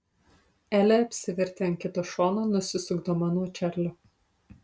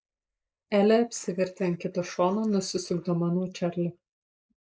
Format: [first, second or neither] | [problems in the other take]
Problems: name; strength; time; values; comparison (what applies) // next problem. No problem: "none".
first | noise reduction (neural mask model Resemble Enhance denoiser)